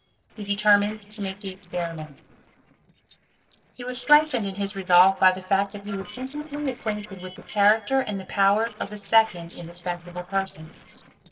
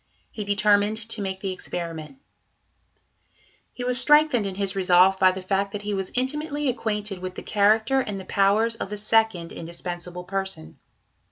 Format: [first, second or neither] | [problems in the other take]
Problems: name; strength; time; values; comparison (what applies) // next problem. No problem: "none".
second | noise reduction (neural separator model SepFormer DNS4)